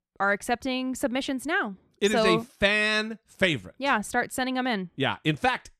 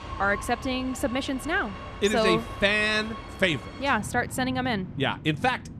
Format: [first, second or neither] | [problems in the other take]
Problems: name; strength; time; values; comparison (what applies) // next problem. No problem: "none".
first | train or aircraft noise; noticeable; throughout; 10 dB below the speech